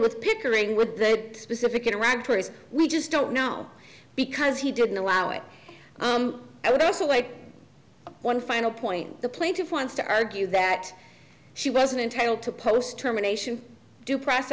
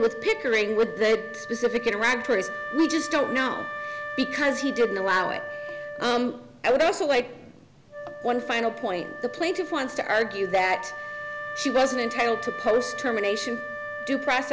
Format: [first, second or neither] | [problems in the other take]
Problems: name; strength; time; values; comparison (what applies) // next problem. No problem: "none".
first | background sound (Wind instrument, woodwind instrument); 10 dB below the speech